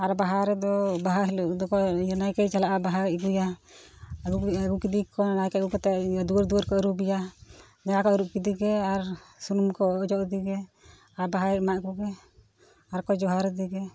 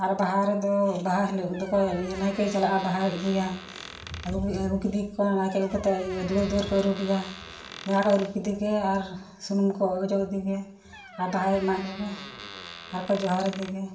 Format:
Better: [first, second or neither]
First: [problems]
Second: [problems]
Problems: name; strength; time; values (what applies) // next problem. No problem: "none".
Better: first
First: none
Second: background sound (Squeak); 16 dB below the speech // room echo; dies away in 0.8 s